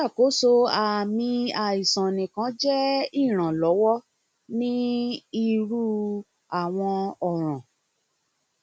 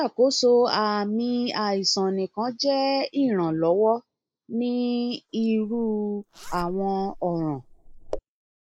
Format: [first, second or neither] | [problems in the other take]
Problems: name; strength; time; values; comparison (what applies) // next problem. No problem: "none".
first | noise reduction (neural mask model Resemble Enhance denoiser)